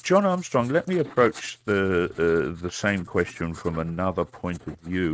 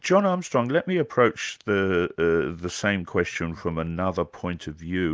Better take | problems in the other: second | noise reduction (neural mask model RNNoise)

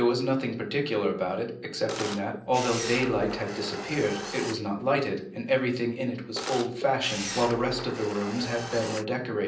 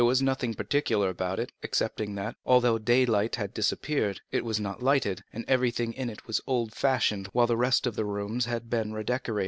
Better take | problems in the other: second | background sound (Camera); 8 dB below the speech // room echo; dies away in 0.6 s

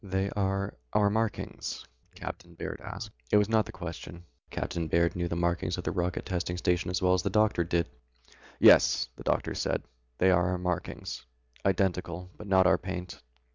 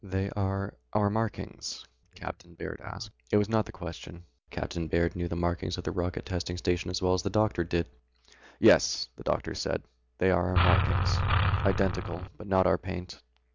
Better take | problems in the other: first | background sound (Engine); 3 dB above the speech

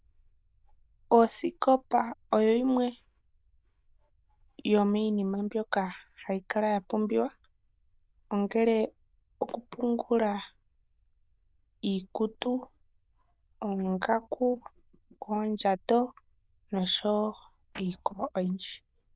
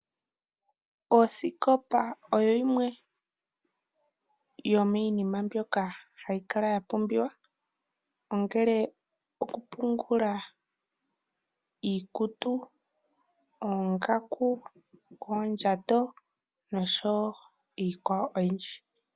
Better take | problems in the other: second | noise reduction (neural diffusion model UNIVERSE++)

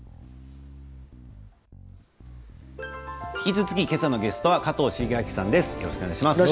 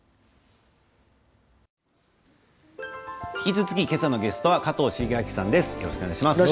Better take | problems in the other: second | background sound (Bass guitar); 19 dB below the speech

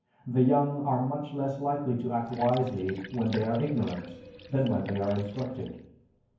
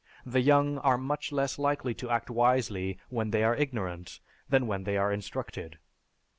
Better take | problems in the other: second | background sound (Liquid); 17 dB below the speech // room echo; dies away in 0.9 s

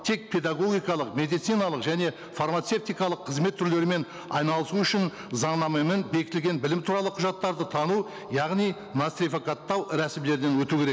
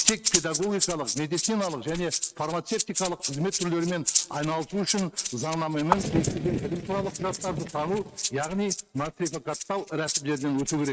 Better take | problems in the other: first | noise reduction (neural mask model RNNoise)

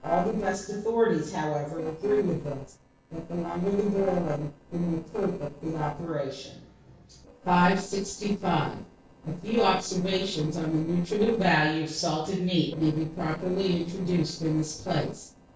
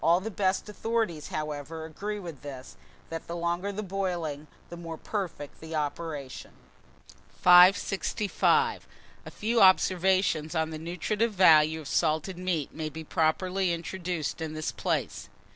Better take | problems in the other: second | noise reduction (neural separator model SepFormer DNS4)

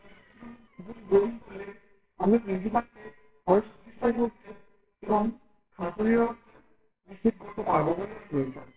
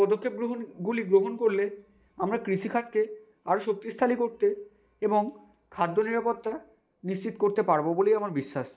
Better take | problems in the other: second | noise reduction (neural separator model SepFormer WHAMR!)

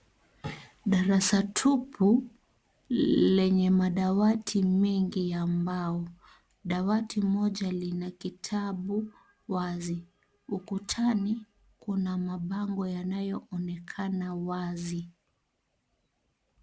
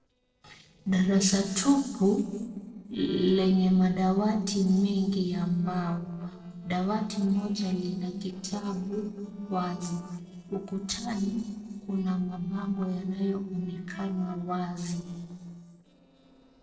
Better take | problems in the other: first | noise reduction (neural separator model SepFormer DNS4)

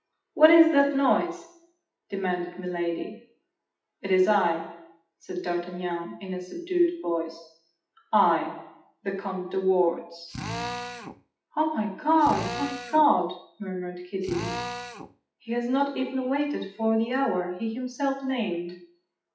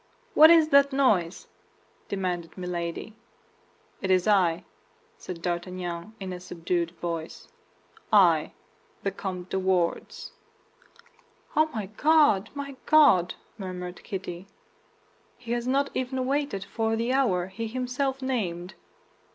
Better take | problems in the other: second | noise reduction (classical method WPE with log-MMSE)

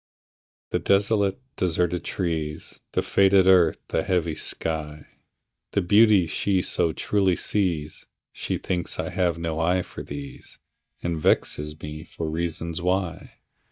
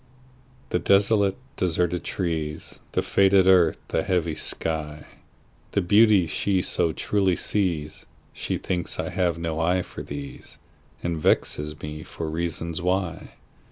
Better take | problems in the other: second | noise reduction (neural mask model DeepFilterNet 3)

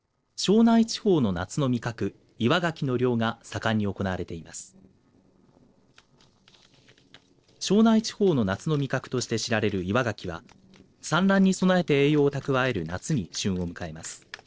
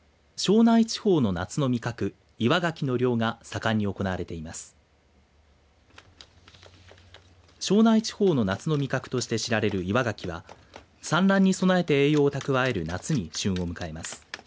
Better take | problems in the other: second | noise reduction (neural separator model SepFormer DNS4)

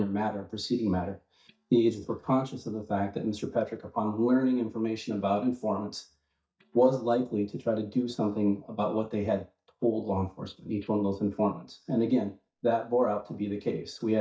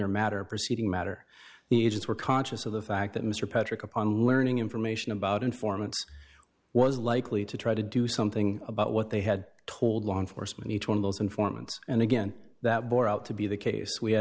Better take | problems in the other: second | noise reduction (neural mask model DeepFilterNet 3)

